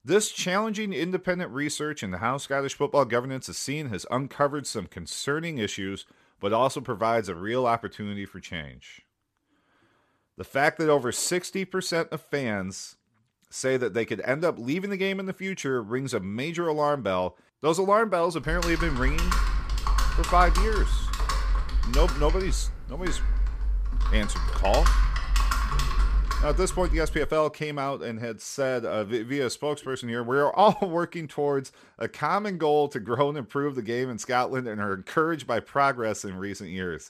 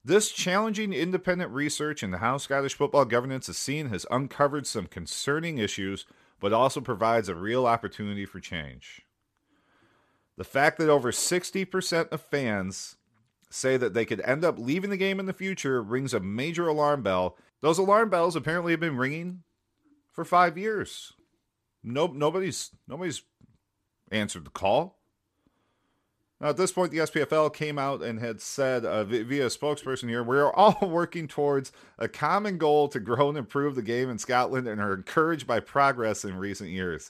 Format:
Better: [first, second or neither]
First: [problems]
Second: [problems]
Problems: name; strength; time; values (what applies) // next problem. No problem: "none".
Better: second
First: keyboard typing; loud; from 18 to 27 s; peak 3 dB above the speech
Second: none